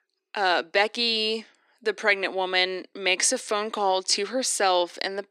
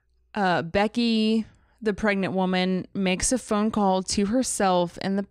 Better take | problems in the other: second | thin; very; fading below 300 Hz

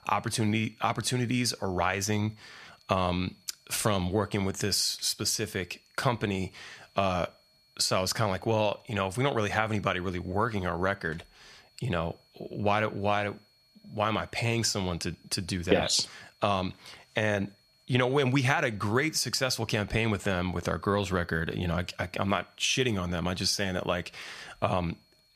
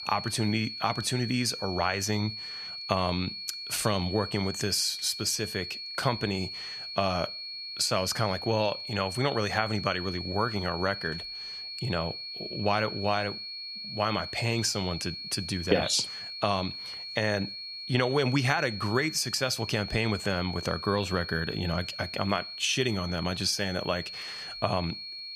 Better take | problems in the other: first | high-pitched whine; loud; throughout; 4.5 kHz, 7 dB below the speech; faint in the first

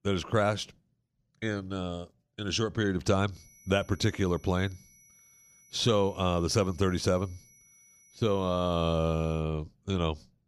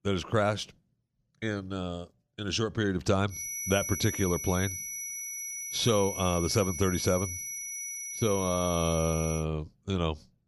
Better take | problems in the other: first | high-pitched whine; loud; from 3.5 to 9.5 s; 6 kHz, 5 dB below the speech; faint in the first

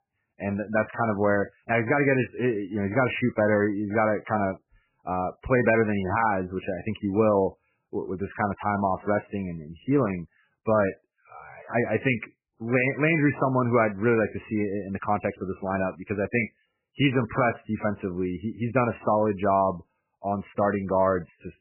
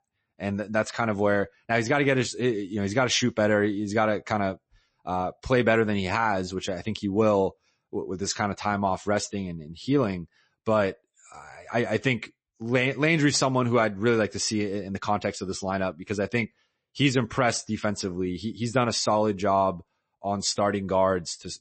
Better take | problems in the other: second | garbled, watery; badly; nothing above 2.5 kHz; slightly in the second

